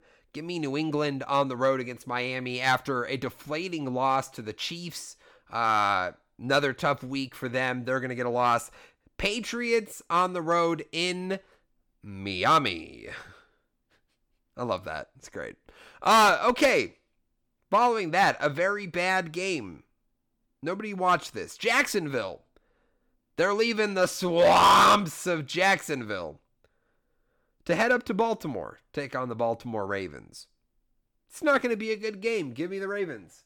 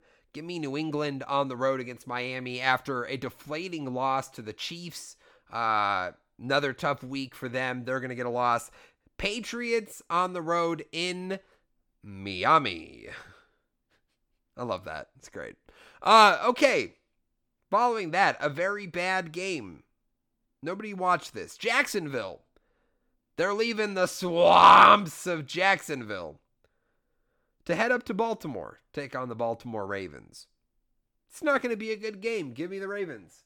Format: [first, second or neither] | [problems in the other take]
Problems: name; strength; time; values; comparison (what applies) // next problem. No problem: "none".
second | distortion; heavy; 1.5% of the sound clipped